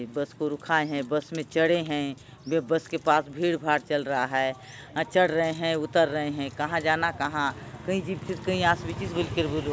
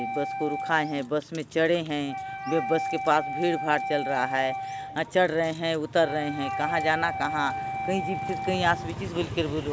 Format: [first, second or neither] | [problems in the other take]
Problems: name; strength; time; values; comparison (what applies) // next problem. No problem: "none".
first | background sound (Wind instrument, woodwind instrument); 6 dB below the speech